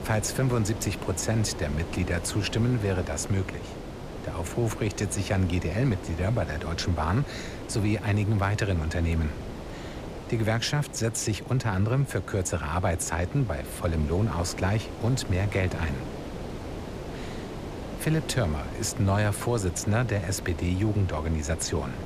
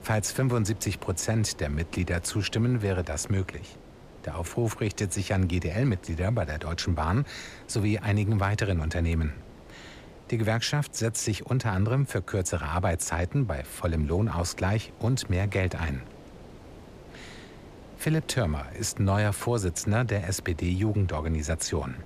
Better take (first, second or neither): second